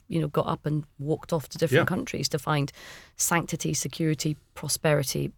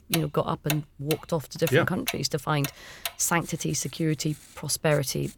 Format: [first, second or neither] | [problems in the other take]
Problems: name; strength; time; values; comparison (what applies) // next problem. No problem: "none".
first | household noises; loud; throughout; 8 dB below the speech